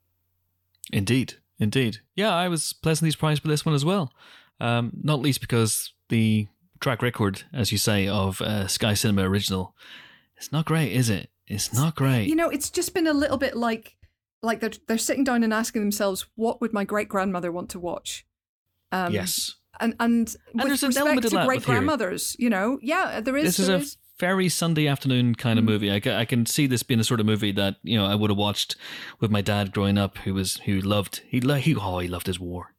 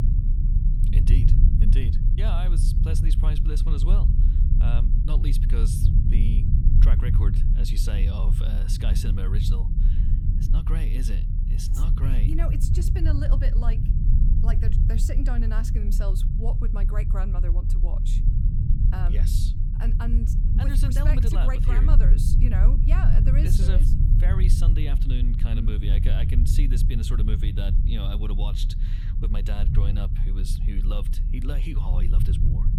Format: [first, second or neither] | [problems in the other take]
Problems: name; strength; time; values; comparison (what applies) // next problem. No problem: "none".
first | low rumble; loud; throughout; 2 dB below the speech